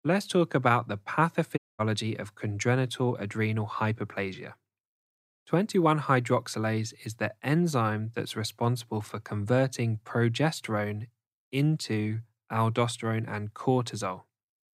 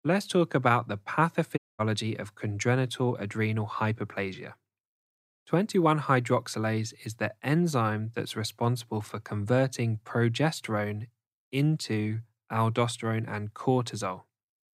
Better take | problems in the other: neither | audio cutting out; at 1.5 s; the same in both

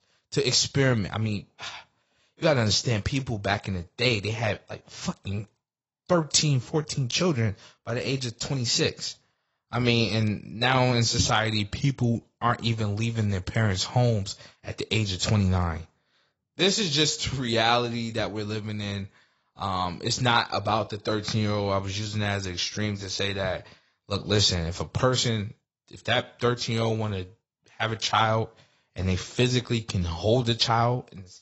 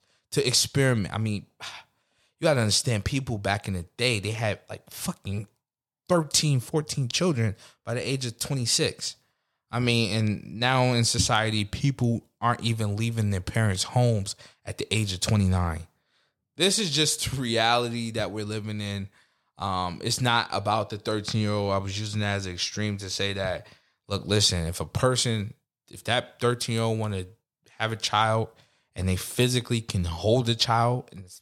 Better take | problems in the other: second | garbled, watery; badly; nothing above 8 kHz

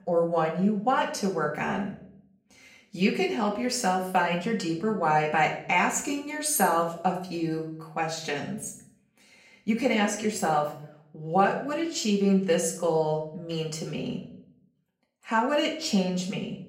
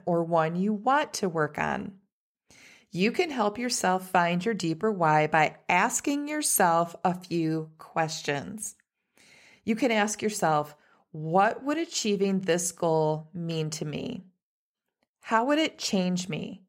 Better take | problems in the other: second | room echo; slight; dies away in 0.5 s // off-mic speech; far

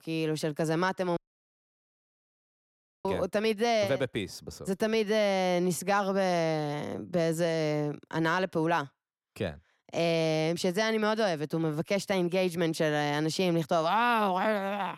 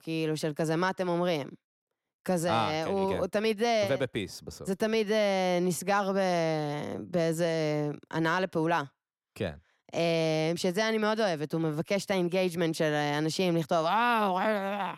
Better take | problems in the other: second | audio cutting out; at 1 s for 2 s

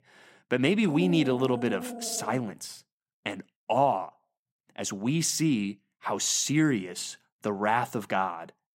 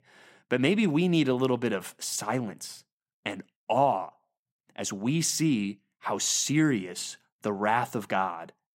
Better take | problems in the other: second | dog barking; noticeable; from 1 to 2.5 s; peak 6 dB below the speech

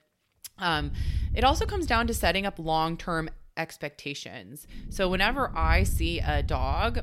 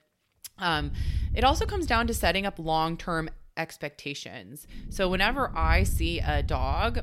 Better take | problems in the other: neither | low rumble; faint; from 1 to 3.5 s and from 5 s on; 20 dB below the speech; the same in both

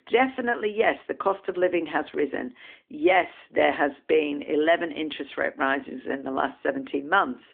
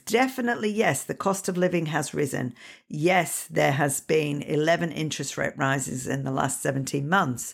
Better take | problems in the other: second | phone-call audio

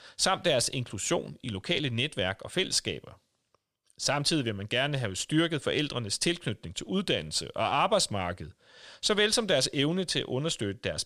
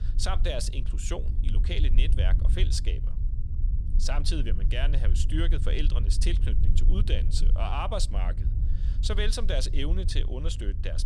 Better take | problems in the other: first | low rumble; noticeable; throughout; 10 dB below the speech

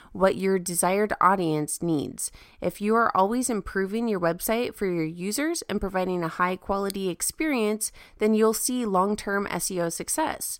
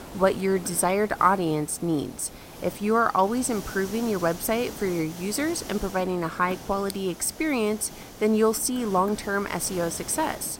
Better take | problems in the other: first | hiss; noticeable; throughout; 15 dB below the speech

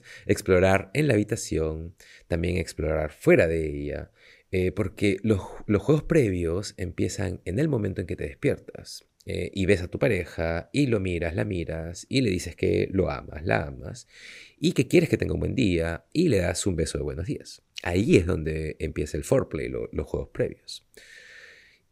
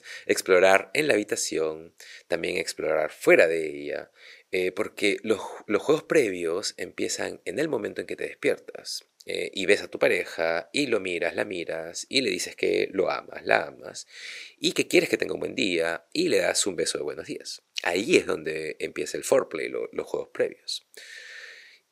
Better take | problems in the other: first | thin; somewhat; fading below 450 Hz

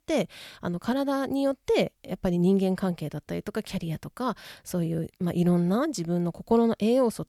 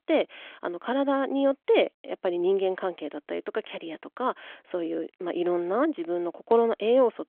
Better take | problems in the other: first | phone-call audio; nothing above 3.5 kHz

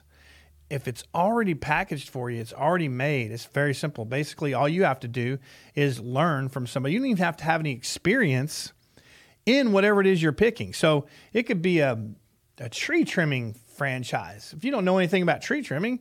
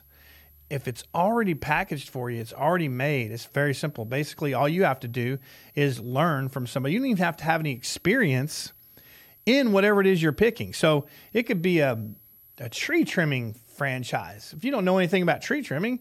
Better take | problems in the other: first | high-pitched whine; faint; throughout; 11.5 kHz, 25 dB below the speech

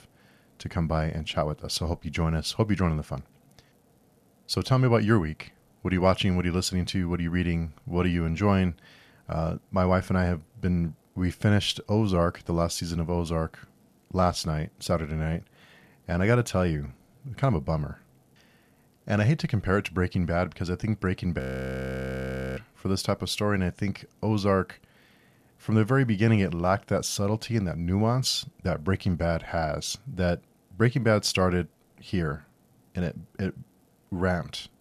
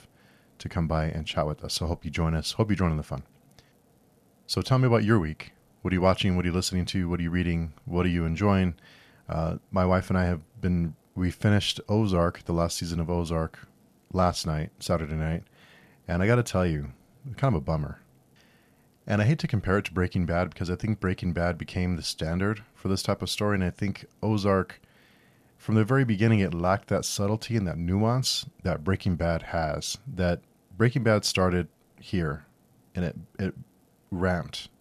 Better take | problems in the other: second | audio freezing; at 21 s for 1 s

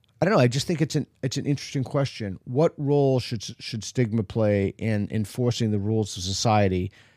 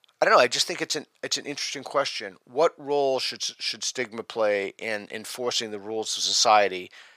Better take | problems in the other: first | thin; very; fading below 650 Hz

